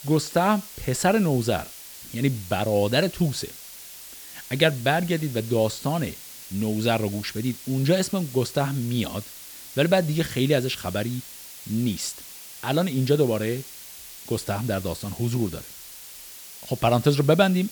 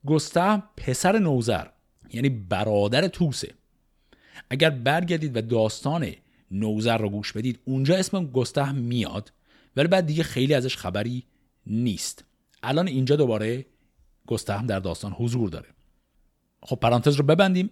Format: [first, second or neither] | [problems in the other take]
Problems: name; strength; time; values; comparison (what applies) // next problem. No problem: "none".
second | hiss; noticeable; throughout; 15 dB below the speech